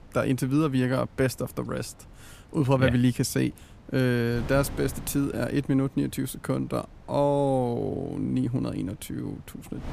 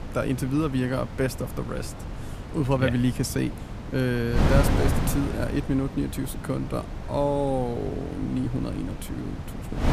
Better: first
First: wind noise on the microphone; occasional gusts; 20 dB below the speech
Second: wind noise on the microphone; heavy; 7 dB below the speech

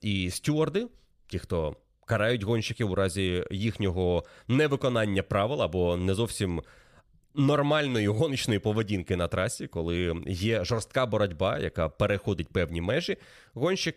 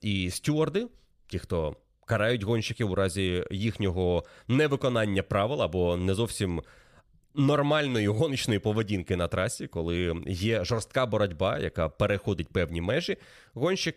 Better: neither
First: none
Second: none

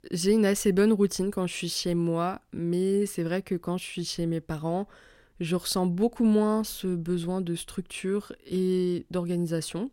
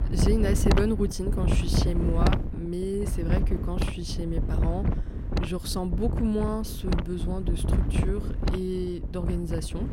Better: first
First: none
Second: wind noise on the microphone; heavy; 3 dB below the speech

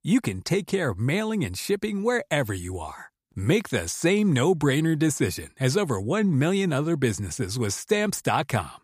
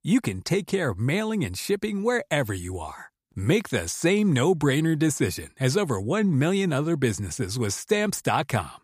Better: neither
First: none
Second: none

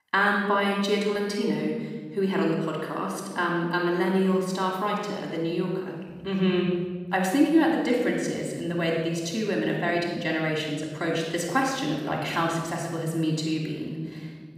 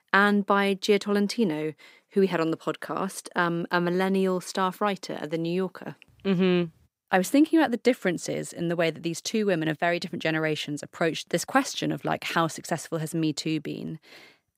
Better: second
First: off-mic speech; far // room echo; noticeable; dies away in 1.6 s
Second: none

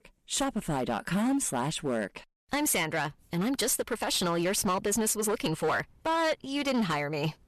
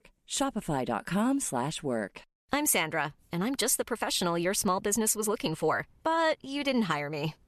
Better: second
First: distortion; slight; 12% of the sound clipped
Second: none

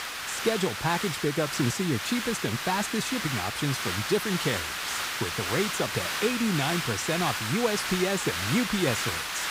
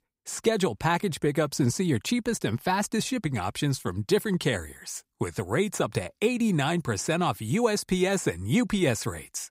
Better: second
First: hiss; loud; throughout; 1 dB below the speech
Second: none

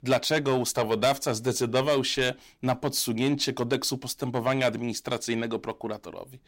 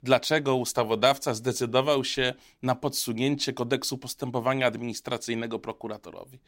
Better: second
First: distortion; slight; 10 dB below the speech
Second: none

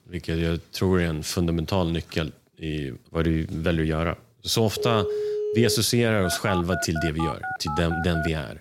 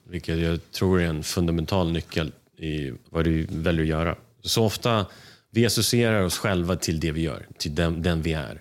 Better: second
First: phone ringing; noticeable; from 5 to 6 s and from 6 s on; peak 2 dB below the speech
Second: none

